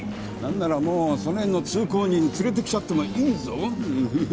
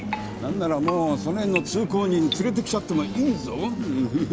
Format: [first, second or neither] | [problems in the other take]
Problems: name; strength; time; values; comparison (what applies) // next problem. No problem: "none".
first | background sound (Keyboard (musical)); 11 dB below the speech